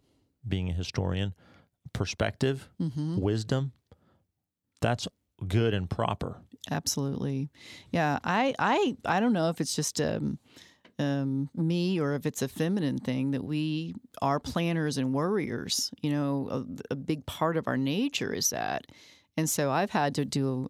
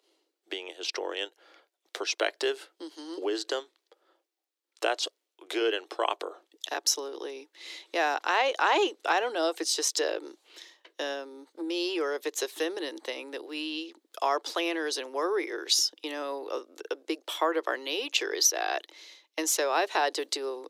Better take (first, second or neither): first